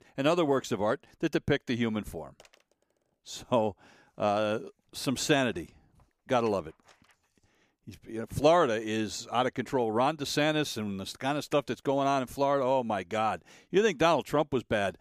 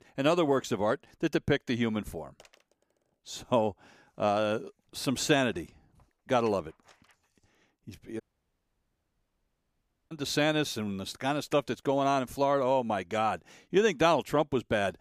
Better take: first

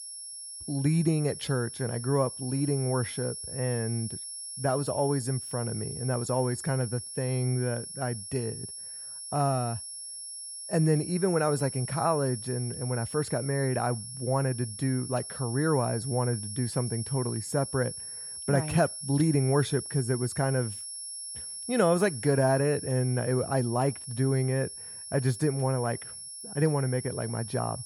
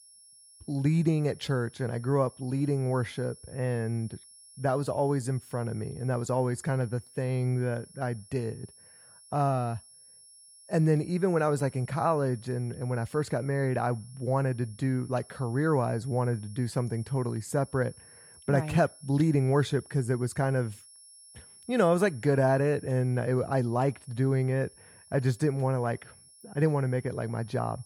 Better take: second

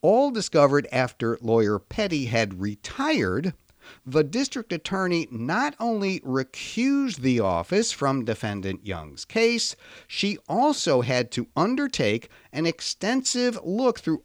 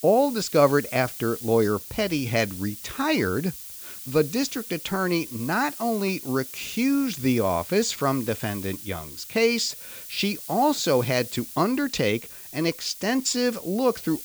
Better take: first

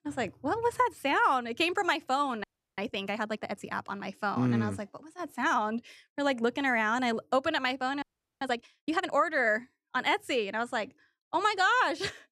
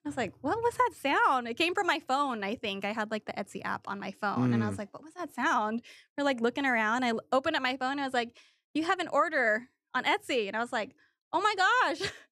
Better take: second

